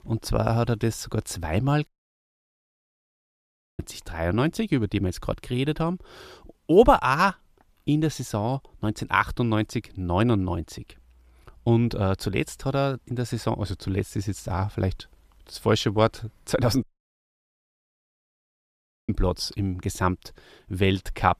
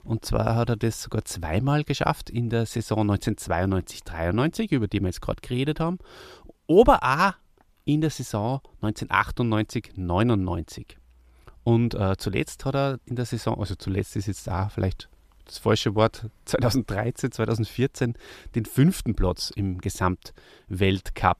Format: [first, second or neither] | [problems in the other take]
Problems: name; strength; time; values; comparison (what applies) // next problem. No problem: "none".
second | audio cutting out; at 2 s for 2 s and at 17 s for 2.5 s